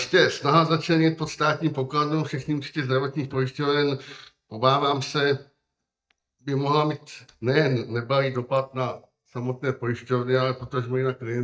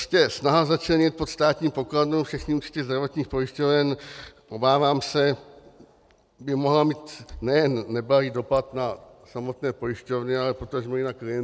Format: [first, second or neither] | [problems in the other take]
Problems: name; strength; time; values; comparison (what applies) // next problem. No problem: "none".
second | noise reduction (neural mask model DeepFilterNet 3)